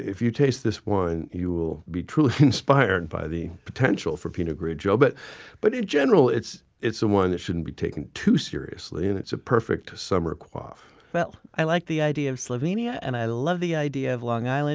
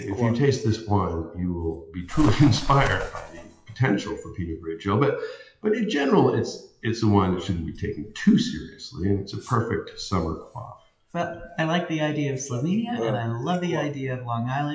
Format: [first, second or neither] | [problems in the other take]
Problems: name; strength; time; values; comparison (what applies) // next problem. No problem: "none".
first | noise reduction (classical method WPE with log-MMSE)